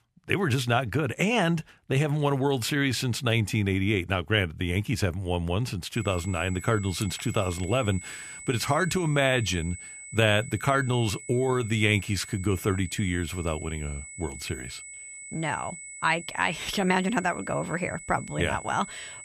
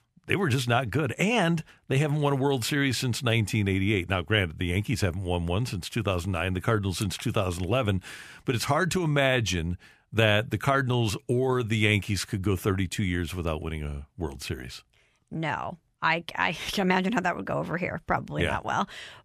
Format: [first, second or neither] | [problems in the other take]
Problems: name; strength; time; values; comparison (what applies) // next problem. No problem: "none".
second | high-pitched whine; noticeable; from 6 s on; 2 kHz, 15 dB below the speech